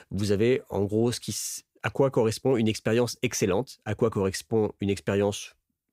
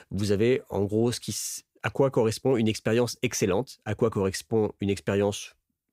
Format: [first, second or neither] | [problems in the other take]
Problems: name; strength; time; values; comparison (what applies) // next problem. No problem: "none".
neither | none